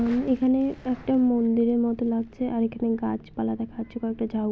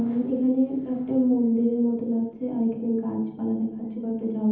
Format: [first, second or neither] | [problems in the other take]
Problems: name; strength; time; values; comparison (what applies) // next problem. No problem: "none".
first | room echo; dies away in 0.8 s